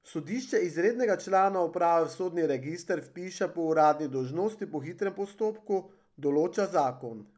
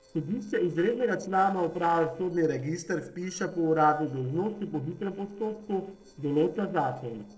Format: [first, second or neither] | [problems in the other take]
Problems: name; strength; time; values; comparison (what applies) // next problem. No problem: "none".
first | noise reduction (neural separator model SepFormer DNS4)